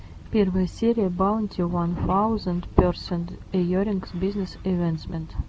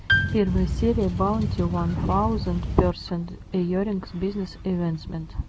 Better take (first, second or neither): first